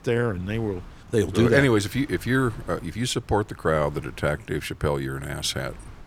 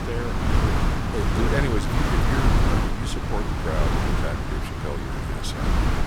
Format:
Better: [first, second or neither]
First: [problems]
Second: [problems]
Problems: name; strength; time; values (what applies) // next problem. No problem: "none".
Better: first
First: wind noise on the microphone; occasional gusts; 25 dB below the speech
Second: wind noise on the microphone; heavy; 4 dB above the speech